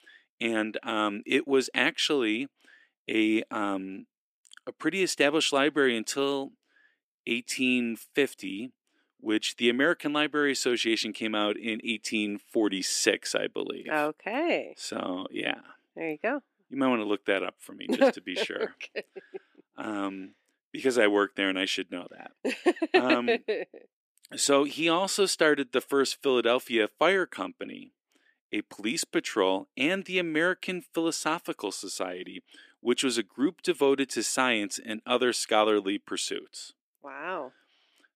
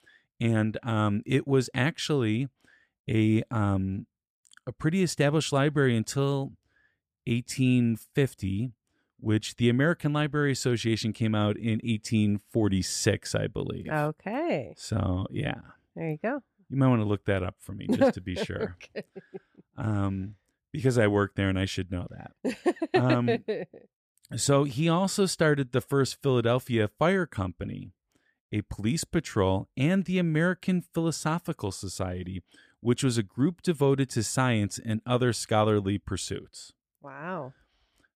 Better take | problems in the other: second | thin; somewhat; fading below 300 Hz

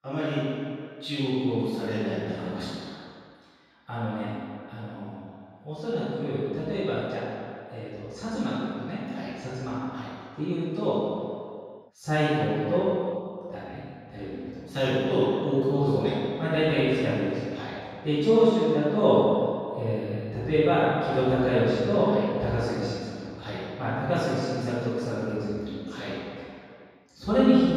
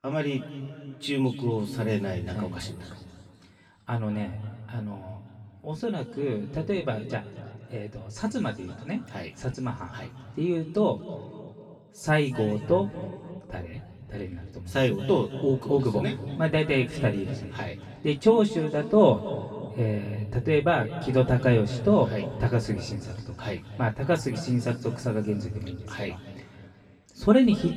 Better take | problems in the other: second | room echo; strong; dies away in 2.2 s; slight in the second // off-mic speech; far; far in the second

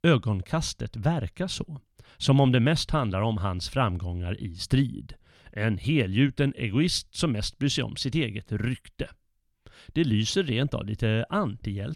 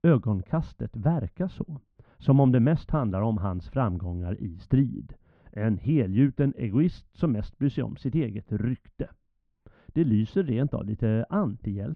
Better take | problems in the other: first | muffled; very; fading above 1 kHz

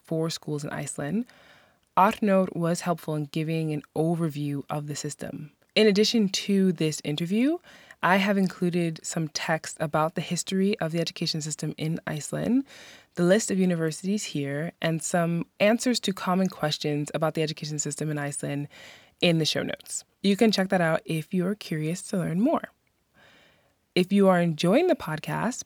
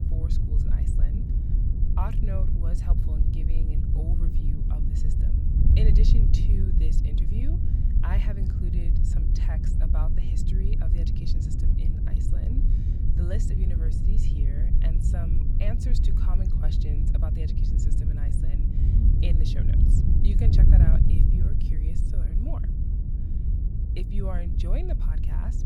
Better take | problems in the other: first | wind noise on the microphone; heavy; 2 dB above the speech

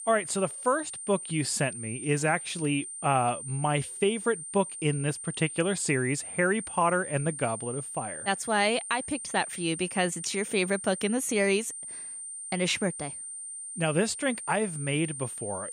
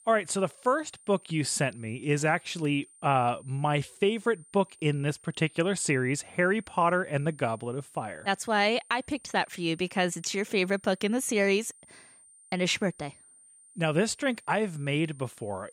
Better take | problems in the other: second | high-pitched whine; loud; throughout; 9 kHz, 8 dB below the speech; faint in the second

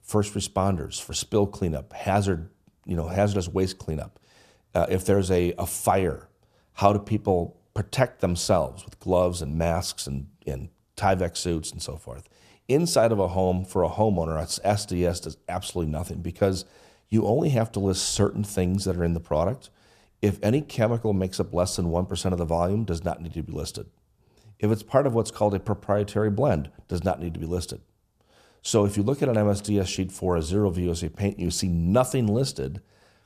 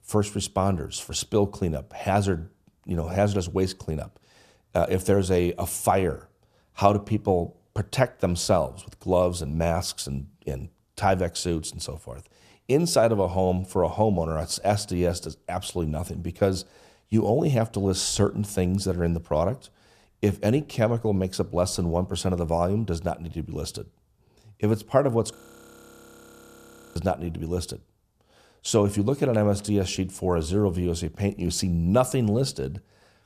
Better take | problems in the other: first | audio freezing; at 25 s for 1.5 s

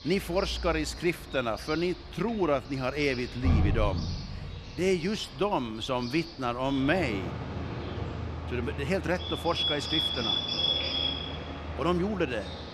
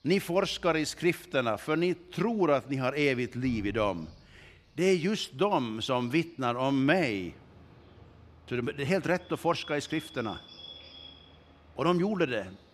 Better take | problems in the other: second | animal sounds; loud; throughout; 2 dB below the speech; faint in the second

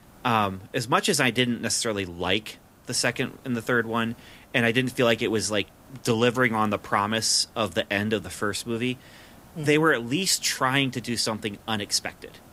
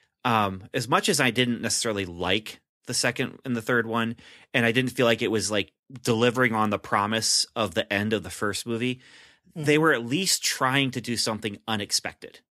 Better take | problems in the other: second | hiss; faint; throughout; 25 dB below the speech

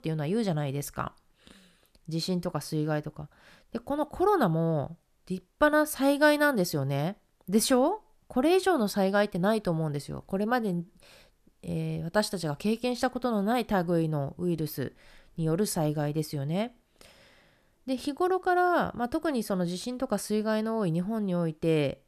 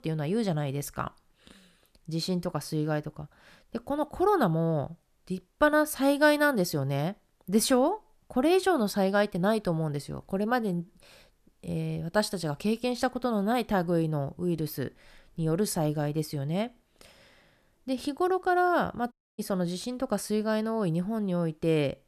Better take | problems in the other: first | audio cutting out; at 19 s

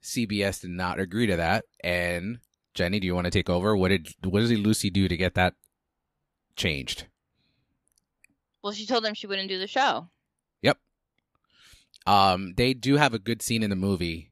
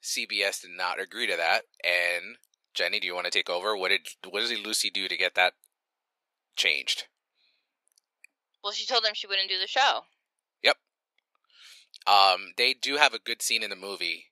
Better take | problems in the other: first | thin; very; fading below 500 Hz

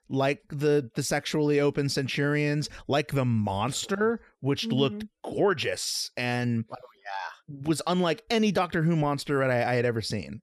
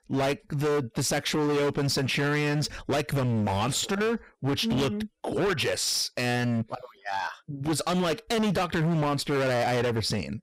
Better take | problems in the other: first | distortion; heavy; 25% of the sound clipped

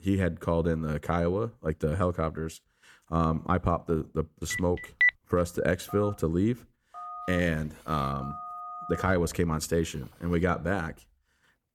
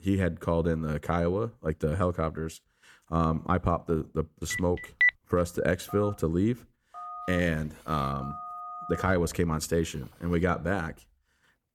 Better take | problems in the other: neither | phone ringing; loud; at 4.5 s; peak 6 dB above the speech; the same in both // phone ringing; noticeable; from 6 to 9 s; peak 10 dB below the speech; the same in both

